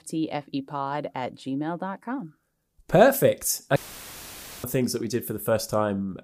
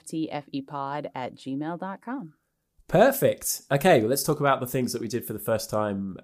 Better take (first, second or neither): second